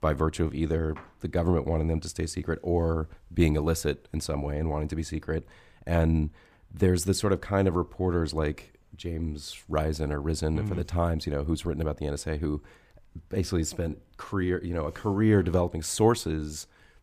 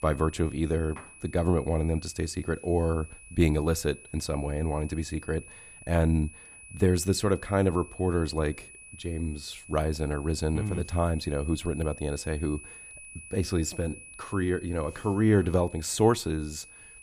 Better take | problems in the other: first | high-pitched whine; noticeable; throughout; 2.5 kHz, 15 dB below the speech

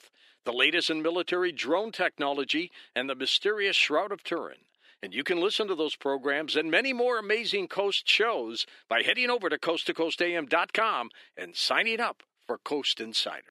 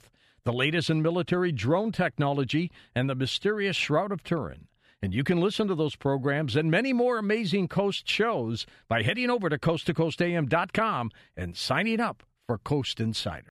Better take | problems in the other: second | thin; somewhat; fading below 350 Hz

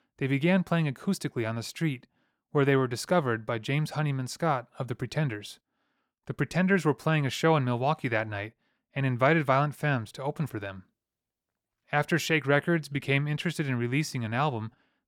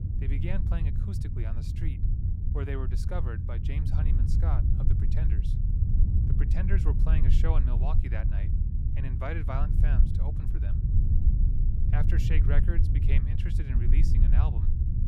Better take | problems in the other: first | low rumble; loud; throughout; 2 dB below the speech

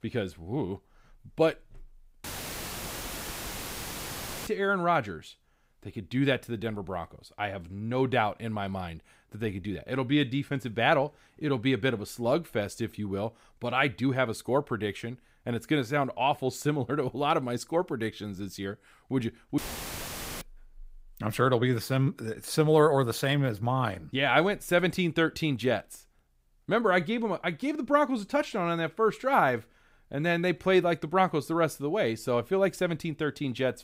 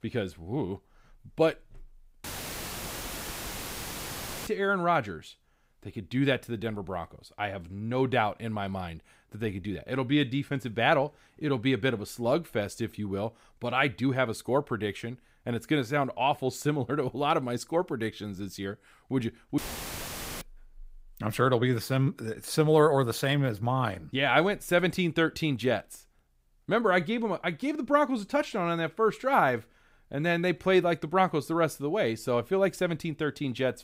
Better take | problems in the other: neither | audio cutting out; filled with static; at 2 s for 2 s and at 20 s for 1 s; the same in both

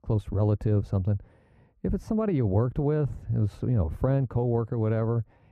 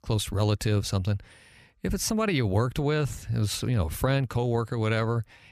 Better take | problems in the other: second | muffled; very; fading above 1.5 kHz

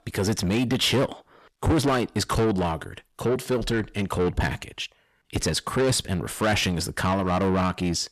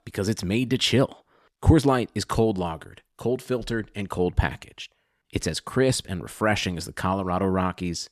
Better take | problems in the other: second | distortion; heavy; 6 dB below the speech

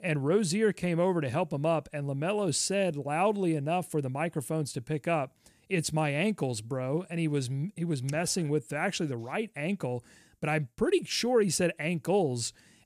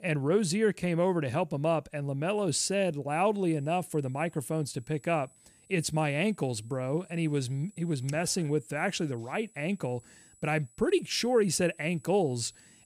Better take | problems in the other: first | high-pitched whine; faint; from 3.5 s on; 8 kHz, 30 dB below the speech

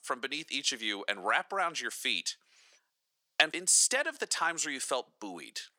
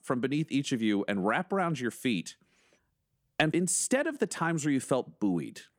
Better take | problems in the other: second | thin; very; fading below 750 Hz

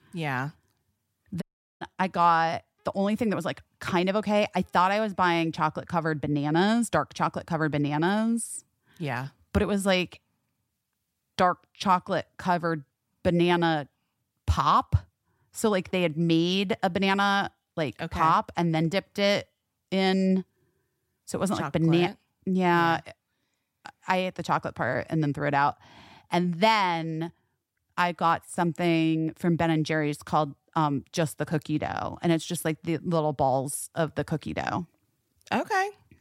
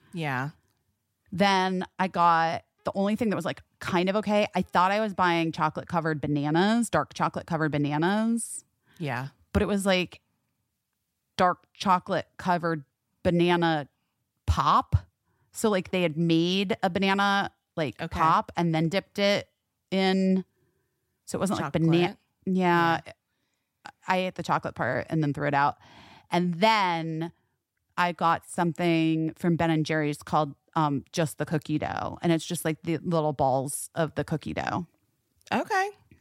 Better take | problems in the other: second | audio cutting out; at 1.5 s

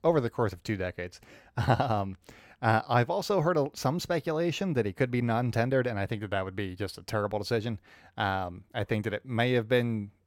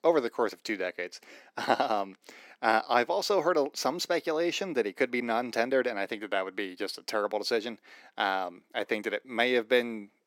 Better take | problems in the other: first | thin; somewhat; fading below 250 Hz

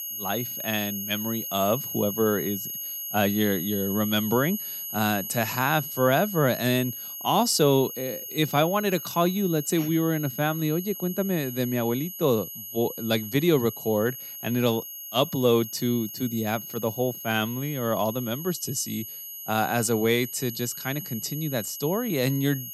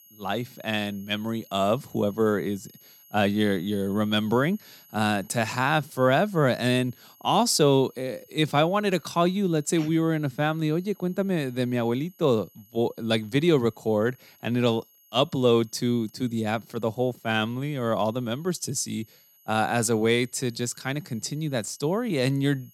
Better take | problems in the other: second | high-pitched whine; loud; throughout; 11.5 kHz, 7 dB below the speech; faint in the second

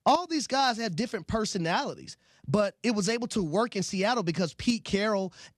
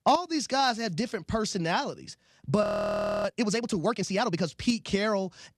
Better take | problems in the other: first | audio freezing; at 2.5 s for 0.5 s

